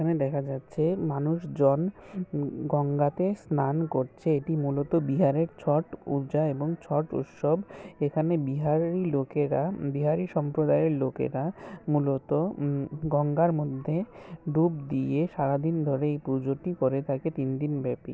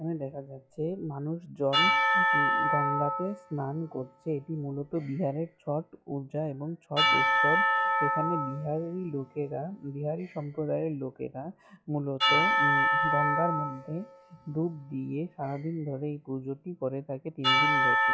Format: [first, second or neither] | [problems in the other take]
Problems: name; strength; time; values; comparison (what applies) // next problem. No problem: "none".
first | noise reduction (classical method log-MMSE)